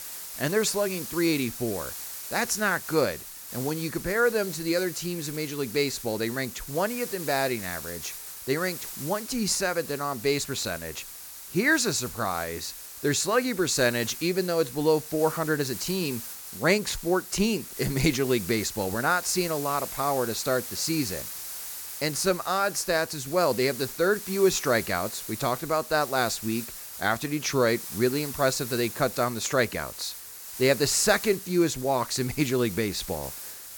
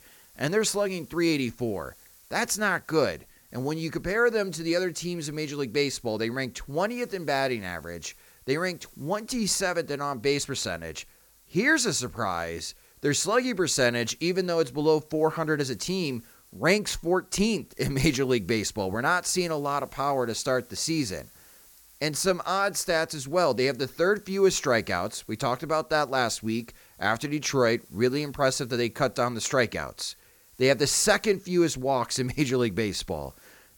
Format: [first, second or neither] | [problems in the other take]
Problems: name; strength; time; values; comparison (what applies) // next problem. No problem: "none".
second | hiss; loud; throughout; 10 dB below the speech; faint in the second